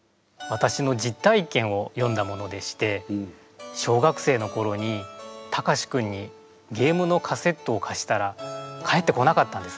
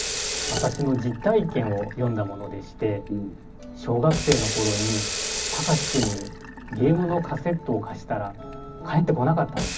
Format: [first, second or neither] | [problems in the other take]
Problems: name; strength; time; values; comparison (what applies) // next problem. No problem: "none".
first | background sound (Sink (filling or washing) / Water tap, faucet); 6 dB below the speech // room echo; dies away in 0.4 s